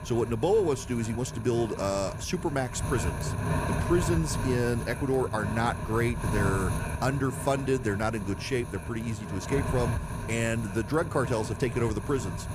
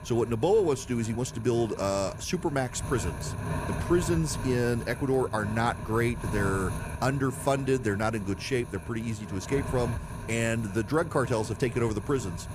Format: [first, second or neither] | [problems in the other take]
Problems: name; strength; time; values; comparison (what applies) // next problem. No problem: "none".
second | wind noise on the microphone; heavy; 7 dB below the speech; occasional gusts in the second